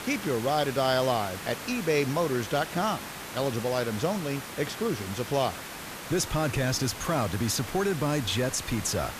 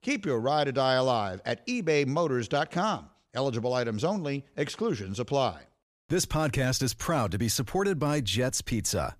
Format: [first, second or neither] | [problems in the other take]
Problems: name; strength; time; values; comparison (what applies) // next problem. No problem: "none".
second | hiss; loud; throughout; 9 dB below the speech